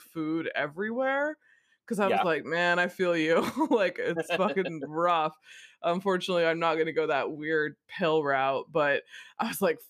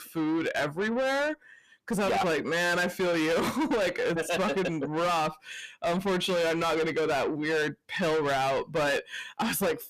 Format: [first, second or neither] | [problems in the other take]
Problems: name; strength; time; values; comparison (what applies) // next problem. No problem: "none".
first | distortion; heavy; 7 dB below the speech